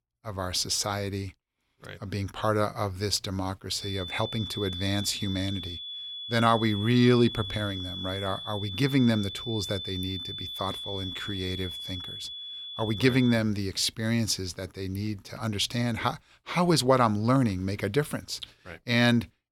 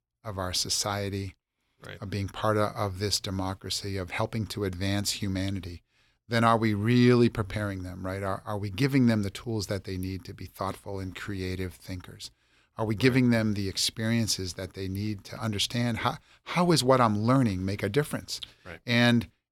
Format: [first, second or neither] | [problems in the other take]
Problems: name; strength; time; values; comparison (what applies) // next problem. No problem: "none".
second | high-pitched whine; loud; from 4 to 13 s; 3.5 kHz, 8 dB below the speech